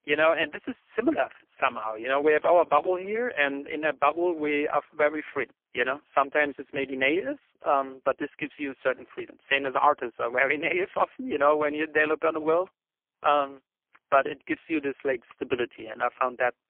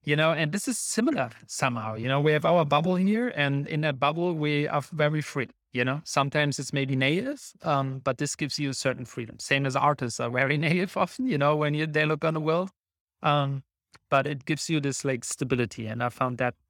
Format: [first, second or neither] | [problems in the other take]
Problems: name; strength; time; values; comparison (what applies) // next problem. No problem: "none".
second | phone-call audio; poor line